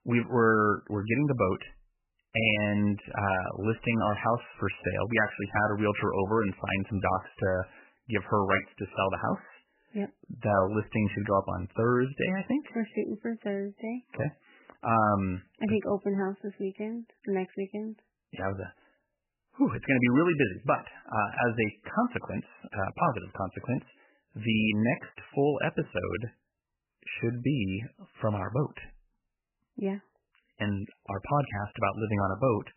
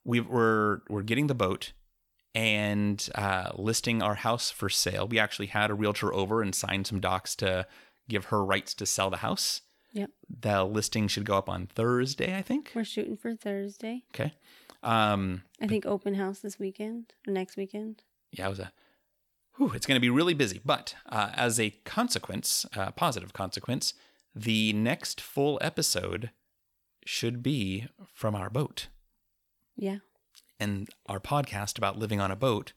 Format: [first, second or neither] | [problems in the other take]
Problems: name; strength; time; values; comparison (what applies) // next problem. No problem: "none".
second | garbled, watery; badly; nothing above 3 kHz